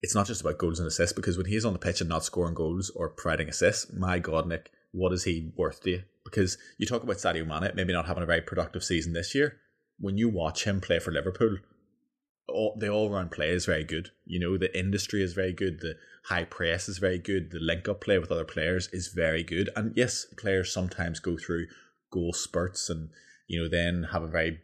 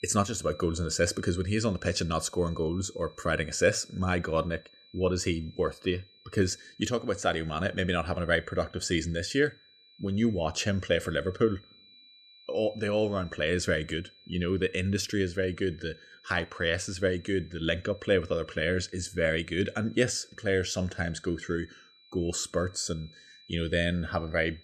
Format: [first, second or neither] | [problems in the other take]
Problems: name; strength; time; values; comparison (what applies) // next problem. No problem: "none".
first | high-pitched whine; faint; throughout; 4 kHz, 25 dB below the speech